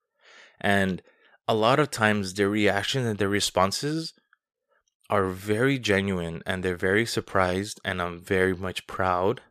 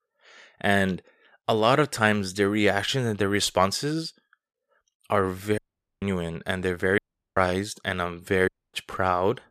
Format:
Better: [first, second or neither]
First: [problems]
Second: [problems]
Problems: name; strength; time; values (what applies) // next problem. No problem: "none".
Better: first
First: none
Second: audio cutting out; at 5.5 s, at 7 s and at 8.5 s